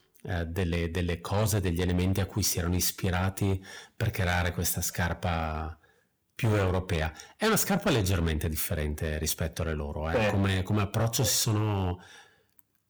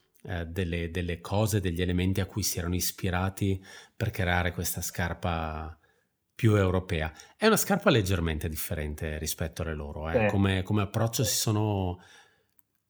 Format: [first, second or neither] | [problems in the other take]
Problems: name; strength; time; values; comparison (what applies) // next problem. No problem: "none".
second | distortion; heavy; 9% of the sound clipped